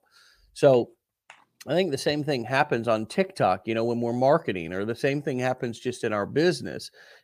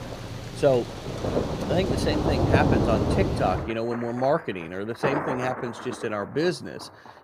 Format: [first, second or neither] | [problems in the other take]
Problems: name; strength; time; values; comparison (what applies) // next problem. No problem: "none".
first | rain or running water; very loud; throughout; as loud as the speech